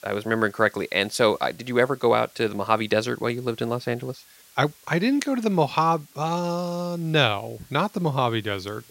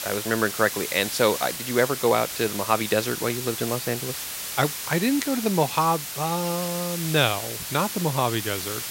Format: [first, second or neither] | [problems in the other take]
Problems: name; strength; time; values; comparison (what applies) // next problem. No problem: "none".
first | hiss; loud; throughout; 5 dB below the speech; faint in the first